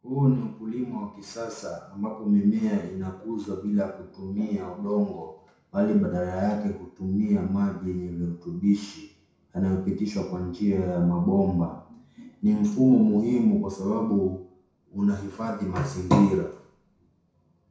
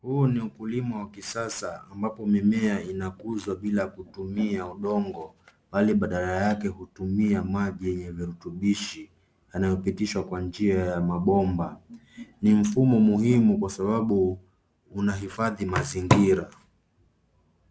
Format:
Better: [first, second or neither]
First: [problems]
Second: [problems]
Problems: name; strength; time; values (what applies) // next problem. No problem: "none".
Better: second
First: room echo; dies away in 0.6 s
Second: none